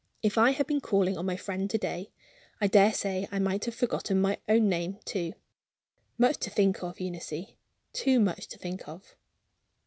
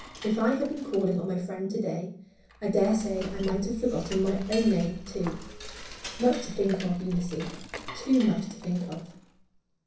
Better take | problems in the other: first | background sound (Cutlery, silverware / Dishes, pots, and pans); 13 dB below the speech // room echo; dies away in 0.6 s

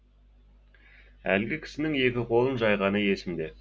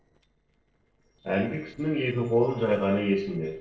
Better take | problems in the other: first | noise reduction (neural separator model SepFormer DNS4)

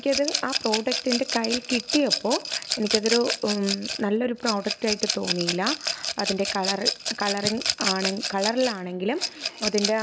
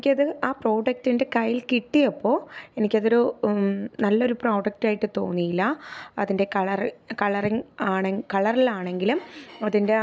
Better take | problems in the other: second | background sound (Rattle / Glass); 3 dB below the speech

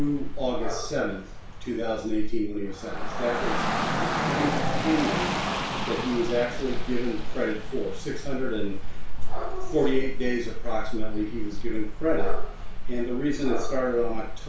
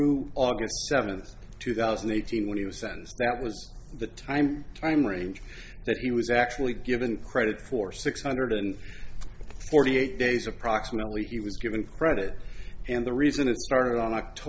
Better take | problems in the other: second | background sound (Rain / Dog); 10 dB below the speech // room echo; dies away in 0.3 s

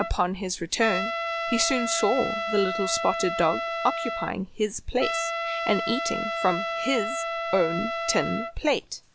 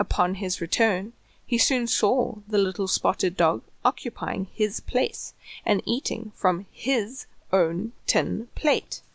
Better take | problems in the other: second | background sound (Trumpet); 3 dB below the speech

